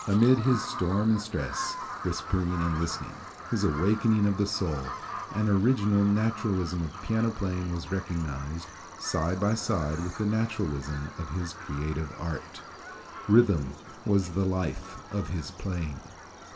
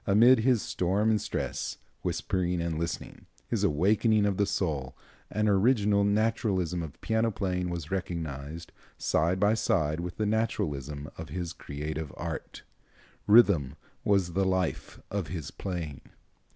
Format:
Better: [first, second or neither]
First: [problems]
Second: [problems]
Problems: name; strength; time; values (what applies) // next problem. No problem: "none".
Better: second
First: background sound (Bird vocalization, bird call, bird song); 13 dB below the speech // room echo; dies away in 1.8 s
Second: none